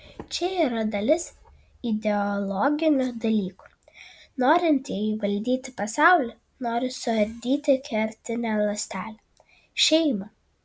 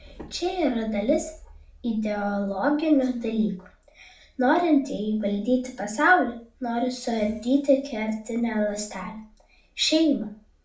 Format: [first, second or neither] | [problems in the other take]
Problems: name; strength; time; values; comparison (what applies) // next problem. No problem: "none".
first | room echo; dies away in 0.3 s